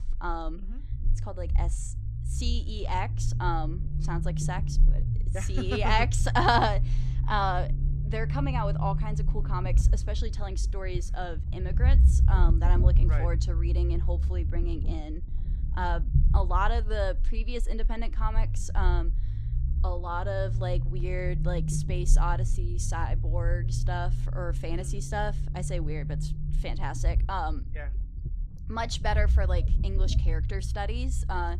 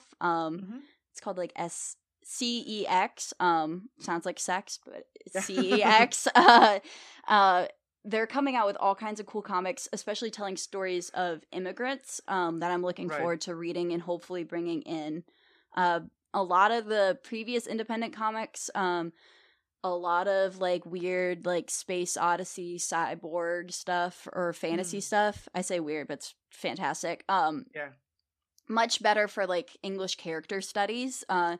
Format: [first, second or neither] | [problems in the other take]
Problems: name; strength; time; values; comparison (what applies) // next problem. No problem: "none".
second | low rumble; noticeable; throughout; 15 dB below the speech